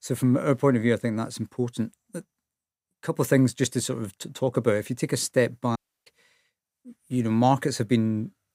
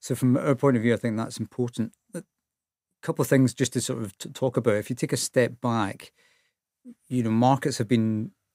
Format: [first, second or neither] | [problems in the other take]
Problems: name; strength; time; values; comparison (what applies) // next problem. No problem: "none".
second | audio cutting out; at 6 s